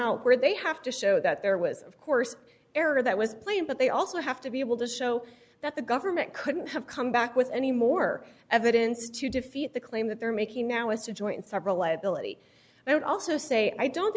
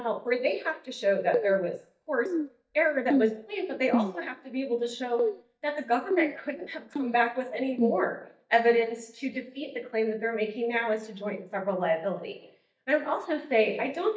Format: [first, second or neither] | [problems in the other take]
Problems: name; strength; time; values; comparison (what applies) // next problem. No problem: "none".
first | noise reduction (neural mask model DeepFilterNet 3)